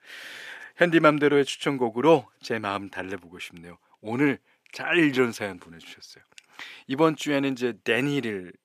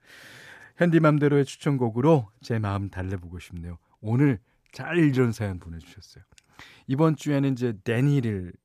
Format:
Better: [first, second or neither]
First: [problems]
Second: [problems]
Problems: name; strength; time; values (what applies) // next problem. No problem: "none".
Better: second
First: thin; somewhat; fading below 300 Hz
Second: none